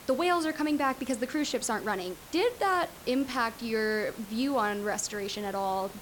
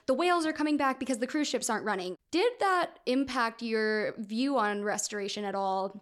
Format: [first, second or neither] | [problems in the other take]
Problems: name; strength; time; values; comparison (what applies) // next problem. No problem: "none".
second | hiss; noticeable; throughout; 15 dB below the speech